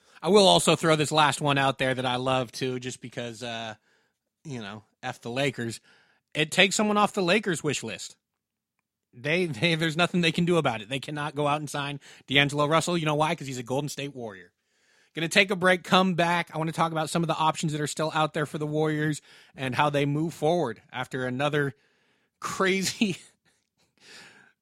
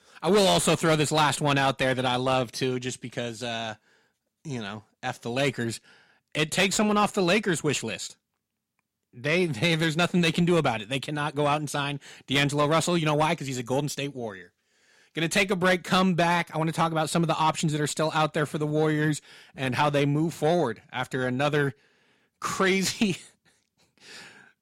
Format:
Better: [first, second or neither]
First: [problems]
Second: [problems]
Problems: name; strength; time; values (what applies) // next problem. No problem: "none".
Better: first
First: none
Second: distortion; slight; 10 dB below the speech